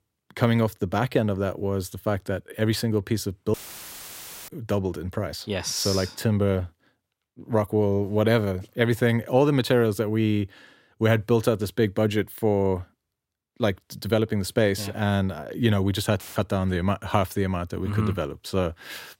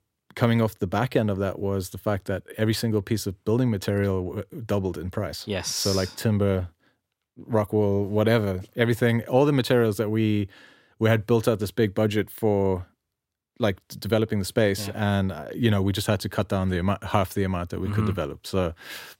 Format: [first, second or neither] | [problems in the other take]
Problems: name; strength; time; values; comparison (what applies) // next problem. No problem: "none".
second | audio cutting out; filled with static; at 3.5 s for 1 s and at 16 s